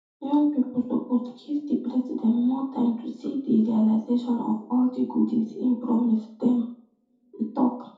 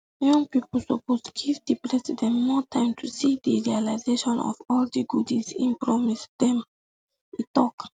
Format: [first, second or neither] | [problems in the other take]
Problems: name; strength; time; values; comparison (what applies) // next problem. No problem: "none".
second | room echo; dies away in 0.5 s